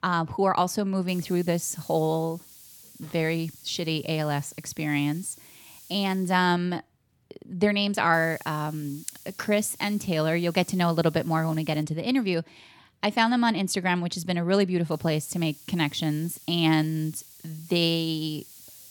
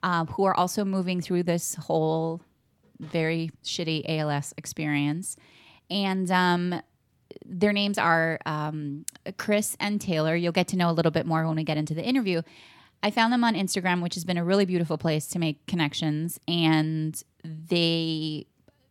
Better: second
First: hiss; faint; from 1 to 6.5 s, from 8 to 12 s and from 15 s on; 20 dB below the speech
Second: none

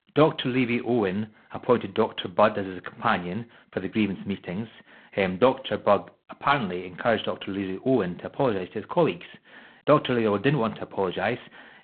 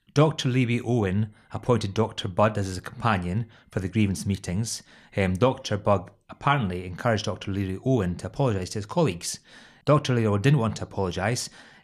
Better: second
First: phone-call audio; poor line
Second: none

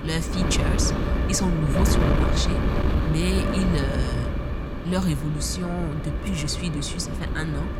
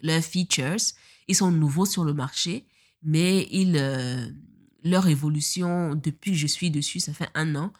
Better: second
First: wind noise on the microphone; heavy; 1 dB below the speech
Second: none

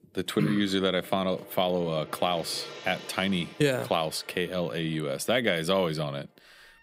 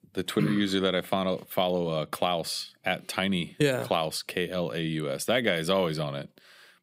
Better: second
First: background music; noticeable; throughout; 20 dB below the speech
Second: none

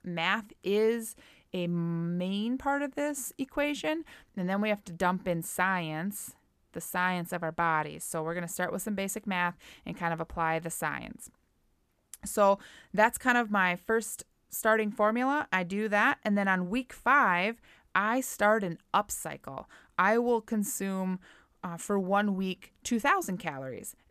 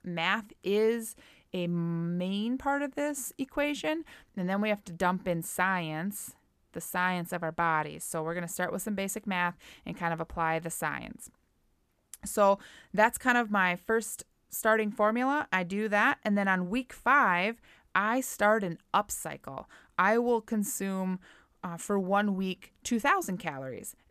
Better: neither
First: none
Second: none

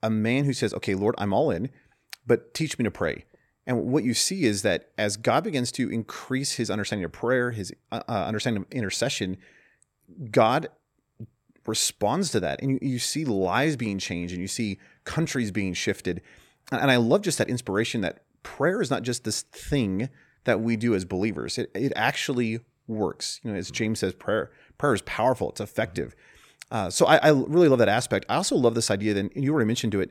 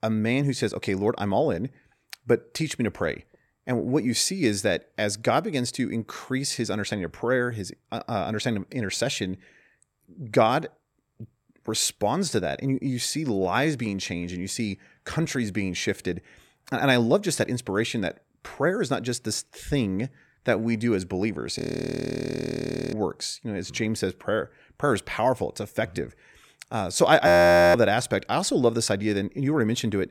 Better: first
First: none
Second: audio freezing; at 22 s for 1.5 s and at 27 s

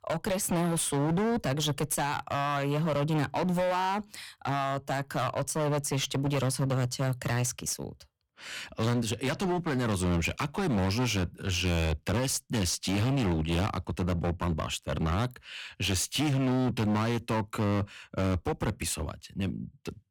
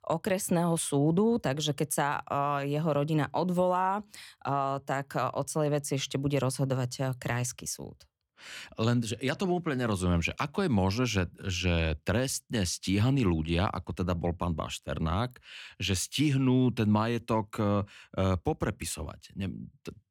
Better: second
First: distortion; heavy; 21% of the sound clipped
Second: none

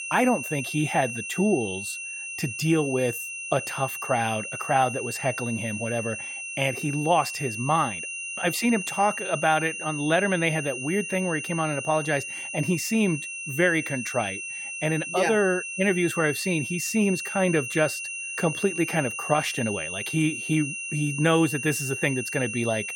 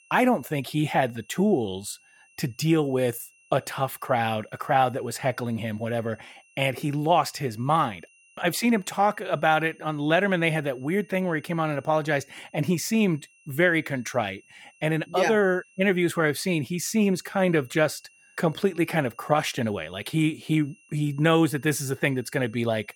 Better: second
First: high-pitched whine; loud; throughout; 2.5 kHz, 6 dB below the speech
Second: high-pitched whine; faint; throughout; 2.5 kHz, 30 dB below the speech

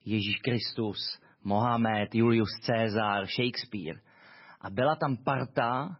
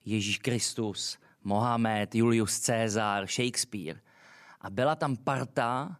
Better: second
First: garbled, watery; badly; nothing above 5.5 kHz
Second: none

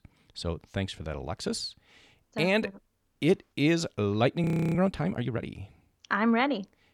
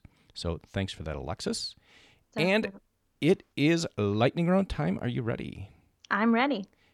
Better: second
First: audio freezing; at 4.5 s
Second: none

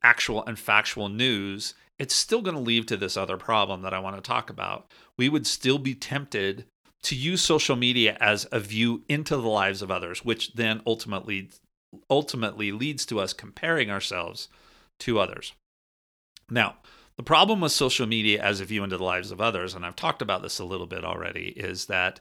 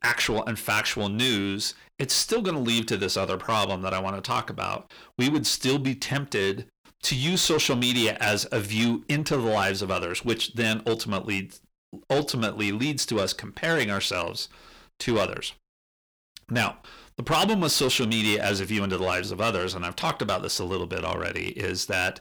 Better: first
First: none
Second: distortion; heavy; 6 dB below the speech

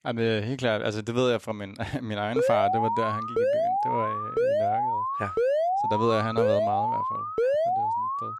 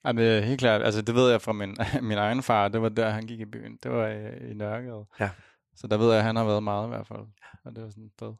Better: second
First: alarm; loud; from 2.5 s on; peak 5 dB above the speech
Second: none

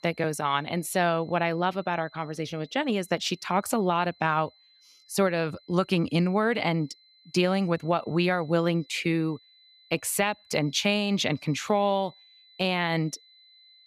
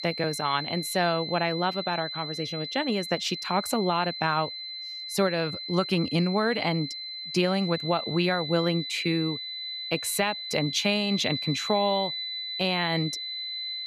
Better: first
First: high-pitched whine; faint; throughout; 4 kHz, 30 dB below the speech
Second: high-pitched whine; loud; throughout; 4 kHz, 5 dB below the speech

